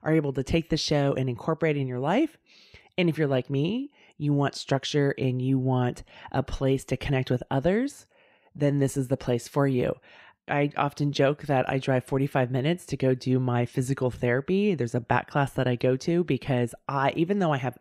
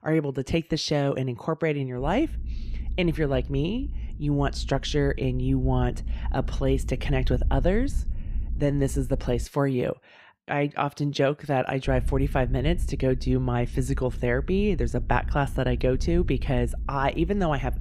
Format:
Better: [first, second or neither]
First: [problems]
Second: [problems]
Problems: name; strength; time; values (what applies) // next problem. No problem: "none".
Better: first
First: none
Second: low rumble; faint; from 2 to 9.5 s and from 12 s on; 25 dB below the speech